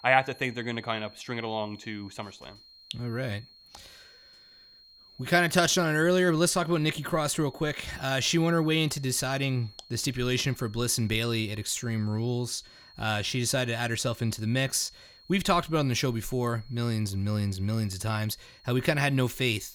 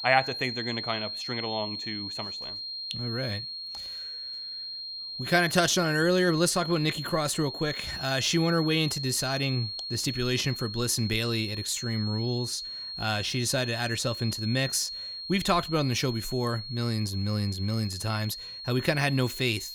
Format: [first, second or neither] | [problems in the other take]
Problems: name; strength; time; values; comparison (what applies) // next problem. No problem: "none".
first | high-pitched whine; loud; throughout; 4.5 kHz, 7 dB below the speech; faint in the first